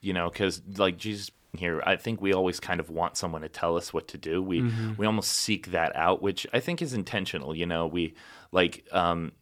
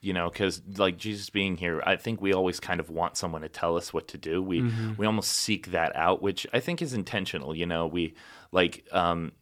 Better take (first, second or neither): second